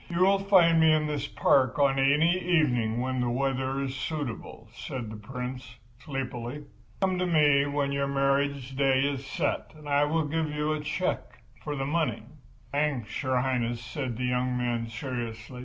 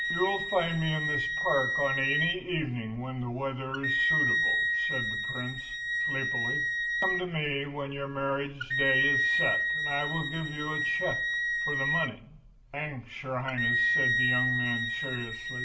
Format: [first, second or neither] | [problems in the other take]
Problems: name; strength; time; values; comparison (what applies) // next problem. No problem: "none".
first | background sound (Wind instrument, woodwind instrument); 3 dB above the speech // room echo; dies away in 0.5 s